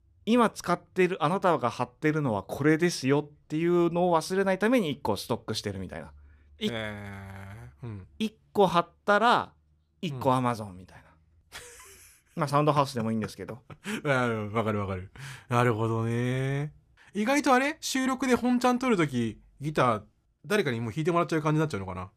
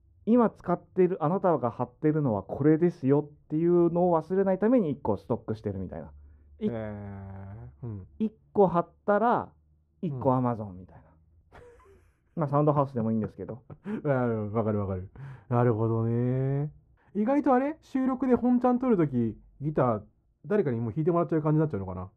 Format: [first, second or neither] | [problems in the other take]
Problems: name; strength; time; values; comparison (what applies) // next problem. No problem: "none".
first | muffled; very; fading above 2 kHz